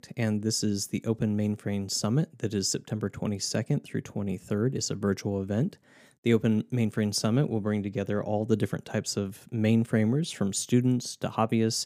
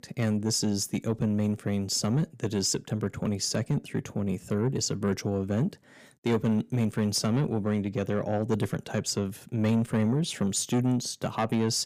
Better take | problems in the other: first | distortion; slight; 10 dB below the speech

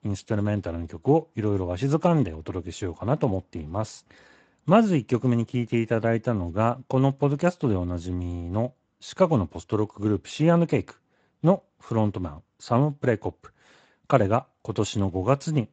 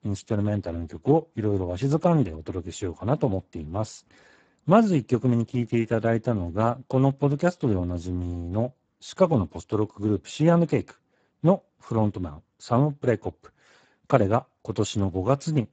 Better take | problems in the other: first | garbled, watery; badly; nothing above 7.5 kHz; slightly in the first

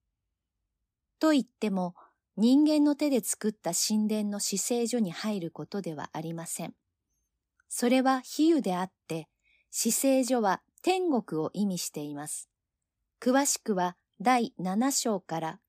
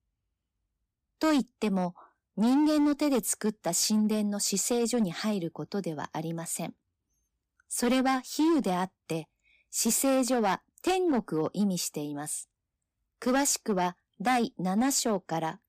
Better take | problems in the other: first | distortion; slight; 8% of the sound clipped

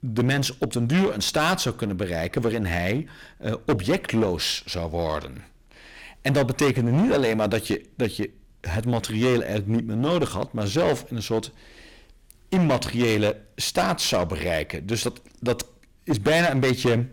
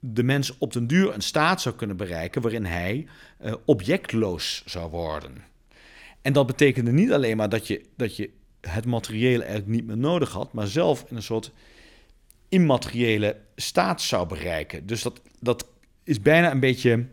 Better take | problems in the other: second | distortion; heavy; 11% of the sound clipped

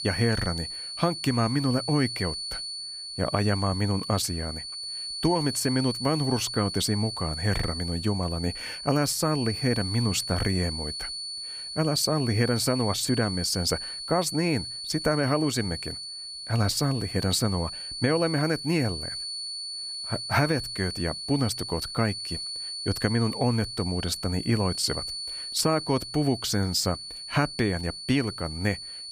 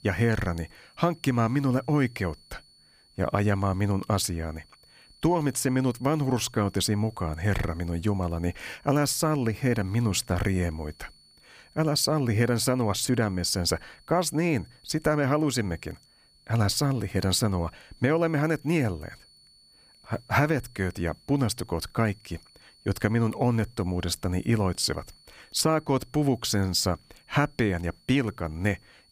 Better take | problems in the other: second | high-pitched whine; loud; throughout; 4.5 kHz, 6 dB below the speech; faint in the second

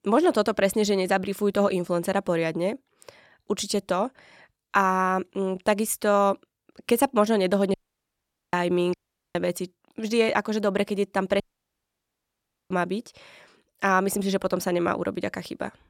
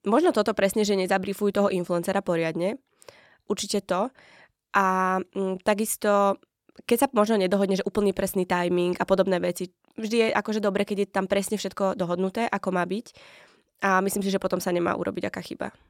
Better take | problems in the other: second | audio cutting out; at 7.5 s for 1 s, at 9 s and at 11 s for 1.5 s

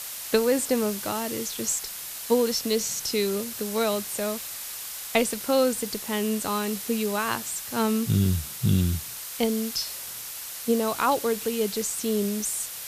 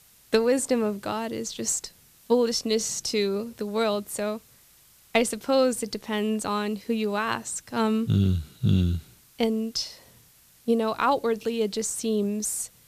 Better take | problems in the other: second | hiss; loud; throughout; 7 dB below the speech; faint in the second

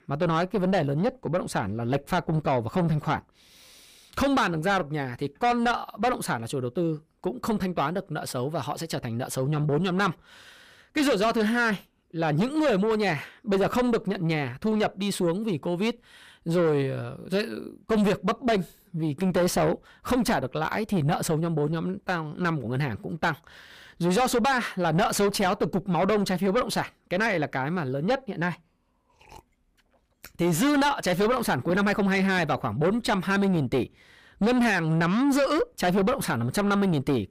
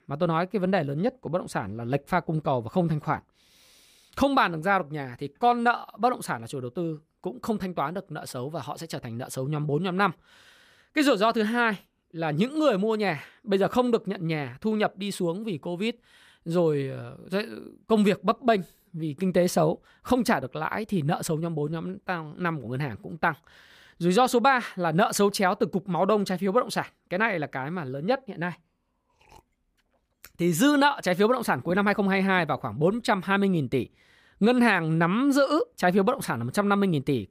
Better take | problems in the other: second | distortion; heavy; 7 dB below the speech

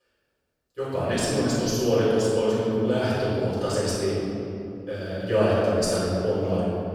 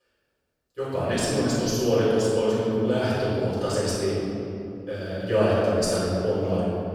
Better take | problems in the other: neither | off-mic speech; far; the same in both // room echo; strong; dies away in 2.6 s; the same in both

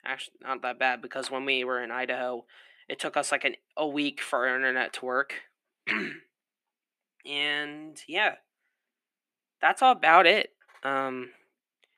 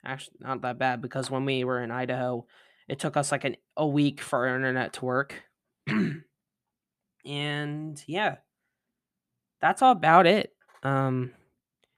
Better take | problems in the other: second | thin; somewhat; fading below 300 Hz

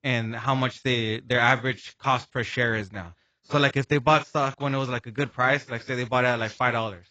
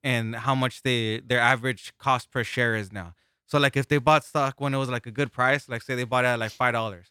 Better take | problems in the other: second | garbled, watery; badly; nothing above 7.5 kHz

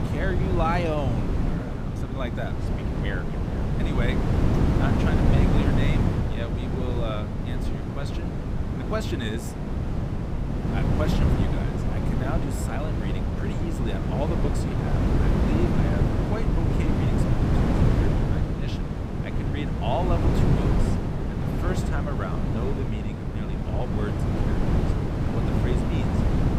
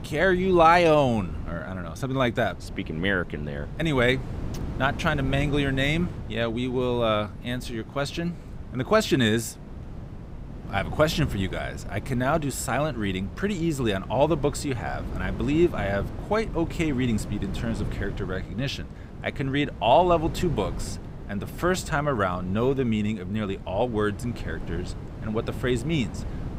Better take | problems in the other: second | wind noise on the microphone; heavy; 2 dB above the speech; occasional gusts in the second

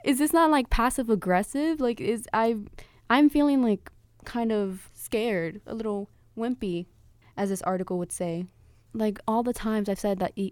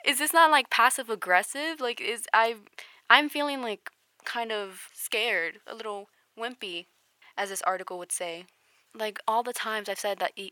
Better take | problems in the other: first | thin; very; fading below 750 Hz

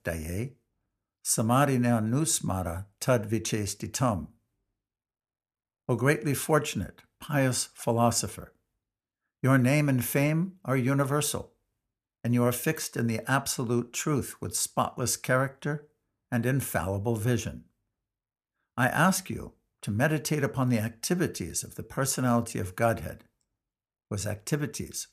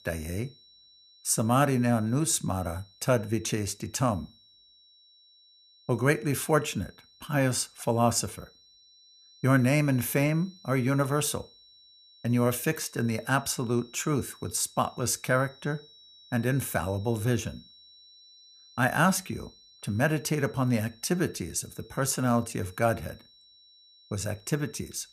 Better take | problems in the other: first | high-pitched whine; faint; throughout; 4 kHz, 25 dB below the speech

